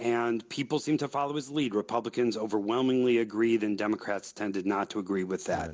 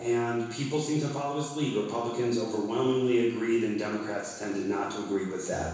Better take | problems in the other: first | room echo; dies away in 1.1 s

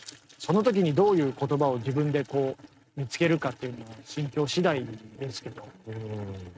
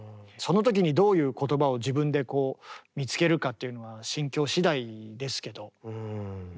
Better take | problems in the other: second | noise reduction (neural mask model RNNoise)

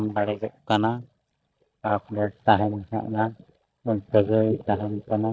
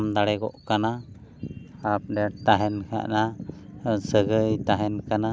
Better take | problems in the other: second | noise reduction (neural mask model DeepFilterNet 3)

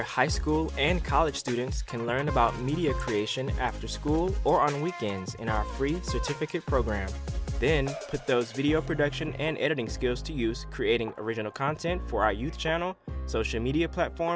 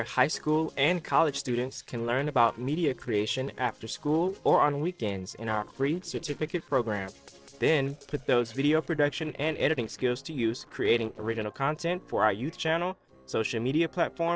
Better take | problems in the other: first | noise reduction (neural separator model SepFormer DNS4)

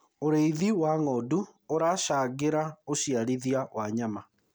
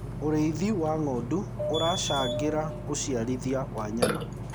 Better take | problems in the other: first | background sound (Burping, eructation); 3 dB below the speech

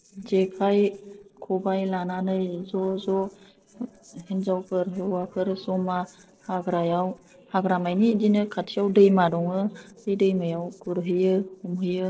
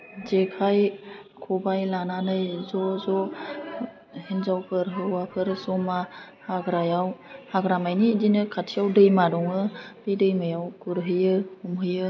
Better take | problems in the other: second | noise reduction (neural separator model SepFormer DNS4)

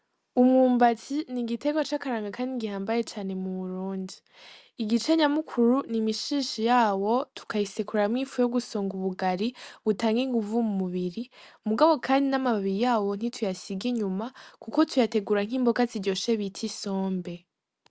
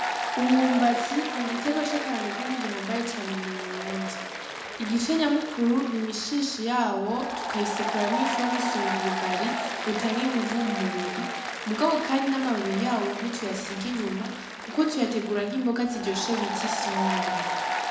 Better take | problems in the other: first | background sound (Applause); 4 dB below the speech // room echo; dies away in 0.9 s

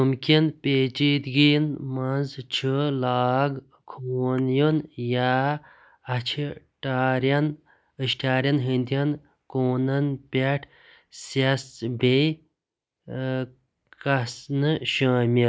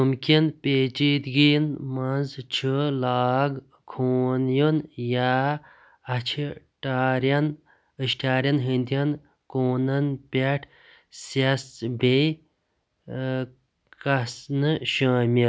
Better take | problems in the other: second | noise reduction (neural mask model Resemble Enhance denoiser)

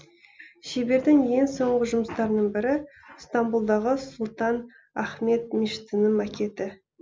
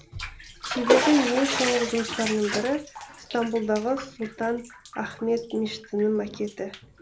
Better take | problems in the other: first | background sound (Bathtub (filling or washing)); 4 dB below the speech

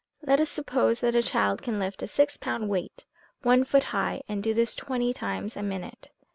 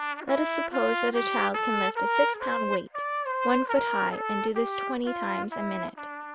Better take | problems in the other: first | background sound (Trumpet); as loud as the speech

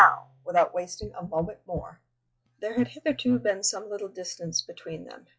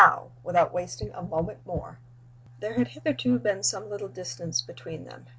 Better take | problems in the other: second | noise reduction (classical method log-MMSE)

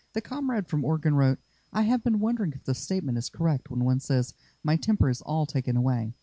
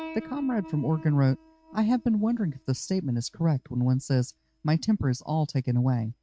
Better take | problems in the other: first | noise reduction (neural mask model RNNoise)

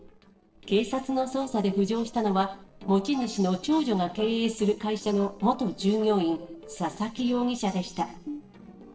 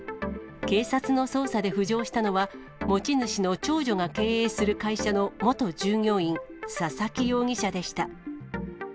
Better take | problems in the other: second | noise reduction (neural separator model SepFormer DNS4)

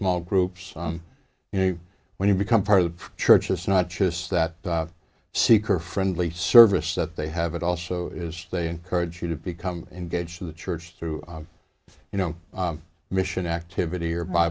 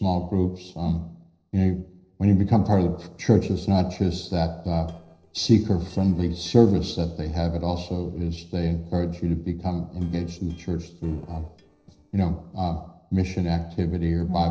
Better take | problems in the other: first | noise reduction (neural separator model SepFormer DNS4)

